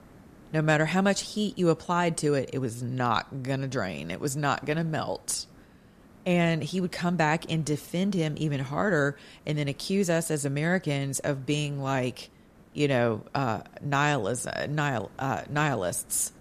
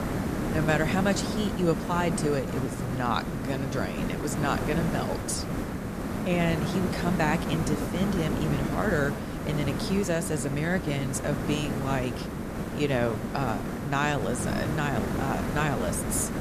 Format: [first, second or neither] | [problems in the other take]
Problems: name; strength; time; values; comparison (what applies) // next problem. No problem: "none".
first | hiss; loud; throughout; 2 dB below the speech; faint in the first